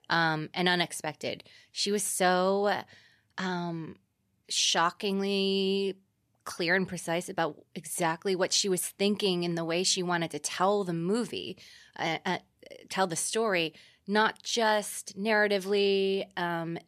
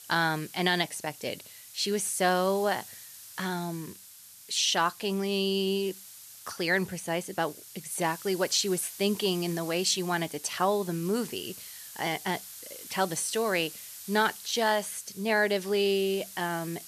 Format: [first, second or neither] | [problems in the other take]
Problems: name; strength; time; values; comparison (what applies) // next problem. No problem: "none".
first | hiss; noticeable; throughout; 15 dB below the speech